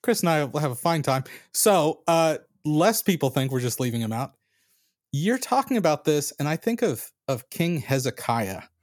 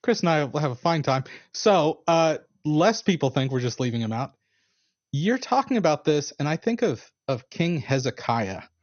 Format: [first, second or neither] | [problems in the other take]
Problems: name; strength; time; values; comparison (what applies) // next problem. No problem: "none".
first | garbled, watery; slightly; nothing above 6.5 kHz